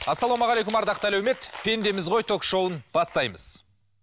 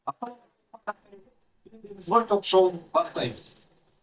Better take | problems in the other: first | noise reduction (neural mask model DeepFilterNet 3)

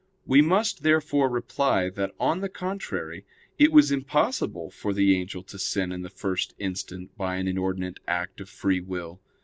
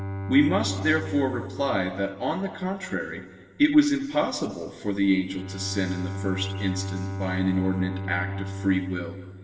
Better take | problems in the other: first | background sound (Bowed string instrument); 8 dB below the speech // room echo; dies away in 2.5 s

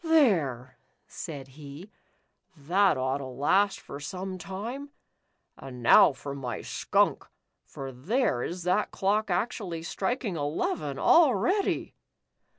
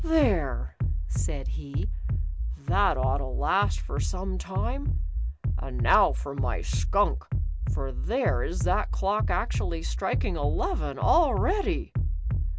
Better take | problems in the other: first | background sound (Bass drum); 2 dB above the speech

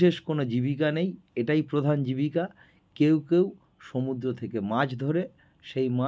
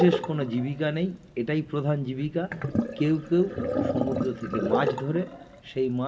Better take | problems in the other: first | background sound (Sink (filling or washing)); 4 dB below the speech // room echo; dies away in 1.4 s

